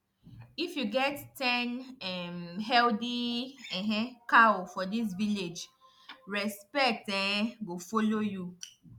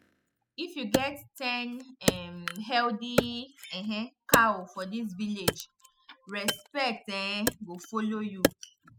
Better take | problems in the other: first | noise reduction (classical method spectral subtraction)

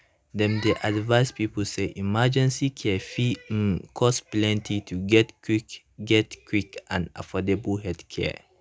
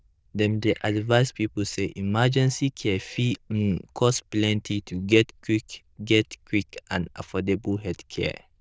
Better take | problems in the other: first | noise reduction (neural diffusion model UNIVERSE++)

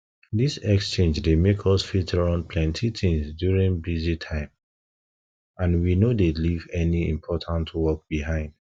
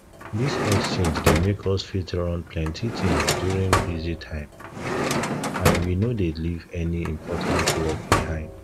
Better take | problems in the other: first | background sound (Drawer open or close); as loud as the speech

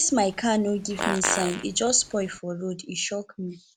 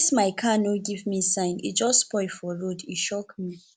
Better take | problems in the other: second | background sound (Fart); 7 dB below the speech

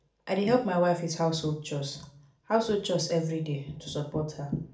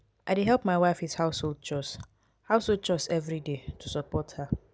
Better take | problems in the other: second | room echo; dies away in 0.4 s

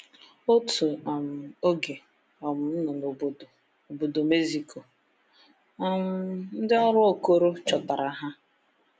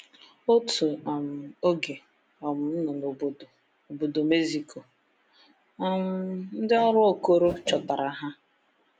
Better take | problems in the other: first | background sound (Whoosh, swoosh, swish); 14 dB below the speech

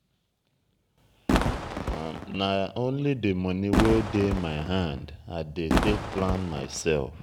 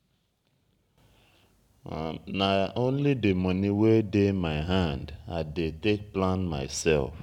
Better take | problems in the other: second | background sound (Fireworks); as loud as the speech

